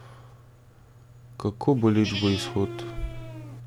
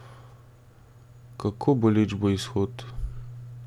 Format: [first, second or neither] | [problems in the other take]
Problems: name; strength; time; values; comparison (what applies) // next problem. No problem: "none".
second | background sound (Livestock, farm animals, working animals); 9 dB below the speech